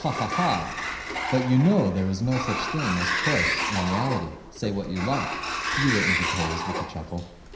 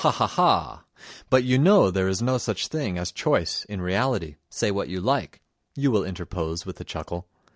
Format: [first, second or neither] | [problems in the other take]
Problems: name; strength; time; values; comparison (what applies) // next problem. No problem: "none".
second | background sound (Sliding door); 3 dB below the speech // room echo; dies away in 0.9 s